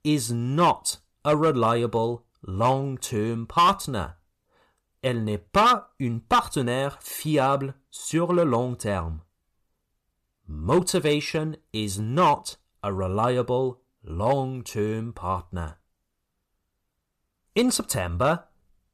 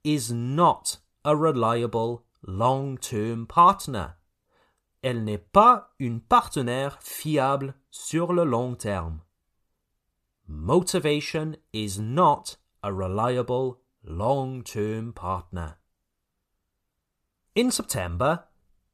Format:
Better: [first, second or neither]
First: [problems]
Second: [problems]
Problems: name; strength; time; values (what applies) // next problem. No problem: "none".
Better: second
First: distortion; slight; 2% of the sound clipped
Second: none